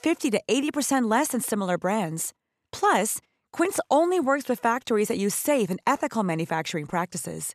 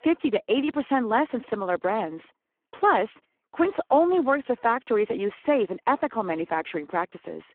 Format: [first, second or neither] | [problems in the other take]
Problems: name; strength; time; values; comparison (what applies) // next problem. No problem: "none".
first | phone-call audio; poor line